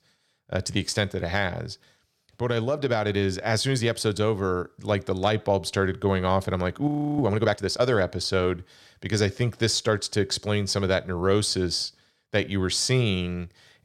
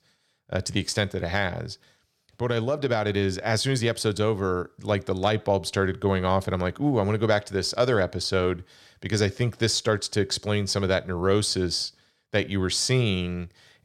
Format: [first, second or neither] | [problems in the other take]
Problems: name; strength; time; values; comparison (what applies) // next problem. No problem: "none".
second | audio freezing; at 7 s